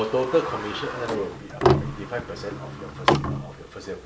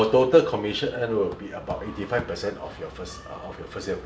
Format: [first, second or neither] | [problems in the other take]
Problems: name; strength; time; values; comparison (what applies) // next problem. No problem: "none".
second | background sound (Sliding door); 3 dB above the speech